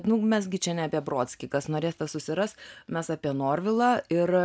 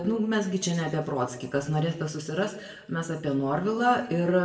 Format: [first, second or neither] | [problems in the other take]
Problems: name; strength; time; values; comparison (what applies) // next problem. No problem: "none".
first | room echo; dies away in 0.7 s